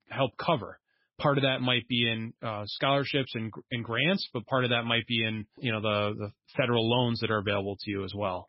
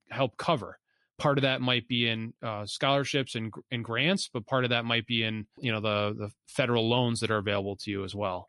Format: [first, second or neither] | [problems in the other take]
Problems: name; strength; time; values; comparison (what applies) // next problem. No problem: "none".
second | garbled, watery; badly; nothing above 5.5 kHz; slightly in the second